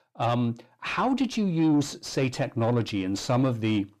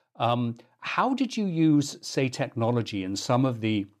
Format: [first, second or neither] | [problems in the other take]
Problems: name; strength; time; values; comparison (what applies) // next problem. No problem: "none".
second | distortion; slight; 10 dB below the speech